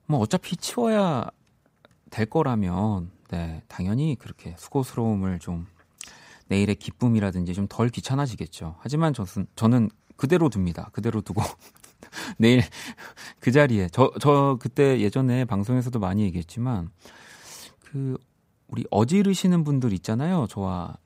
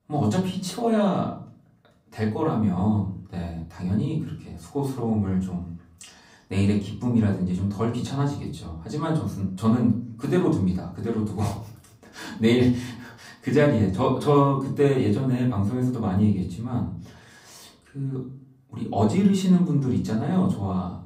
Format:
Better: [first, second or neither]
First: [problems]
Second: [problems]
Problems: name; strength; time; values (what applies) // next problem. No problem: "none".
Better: first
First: none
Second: off-mic speech; far // room echo; slight; dies away in 0.4 s